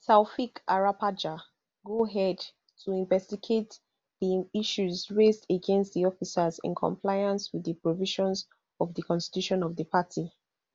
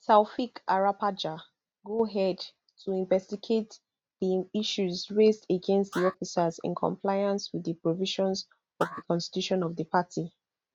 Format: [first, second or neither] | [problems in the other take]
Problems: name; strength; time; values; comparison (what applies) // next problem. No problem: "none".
first | noise reduction (neural mask model RNNoise)